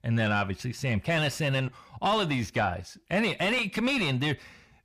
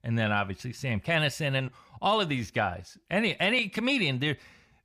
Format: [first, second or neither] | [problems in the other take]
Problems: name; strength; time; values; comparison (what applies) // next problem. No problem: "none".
second | distortion; slight; 10 dB below the speech